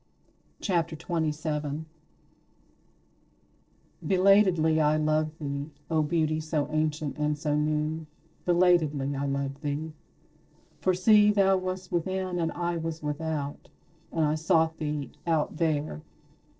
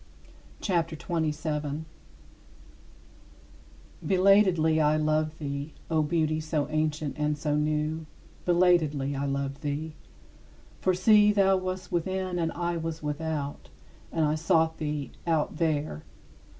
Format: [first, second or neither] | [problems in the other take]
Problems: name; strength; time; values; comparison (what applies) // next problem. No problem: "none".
second | noise reduction (neural separator model SepFormer DNS4)